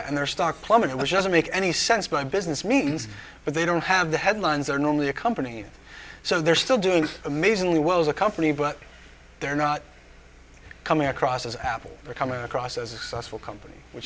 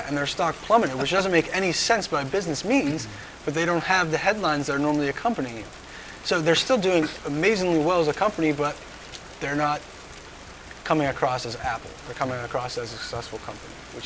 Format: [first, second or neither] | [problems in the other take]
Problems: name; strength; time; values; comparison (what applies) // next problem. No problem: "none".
first | background sound (Rain); 18 dB below the speech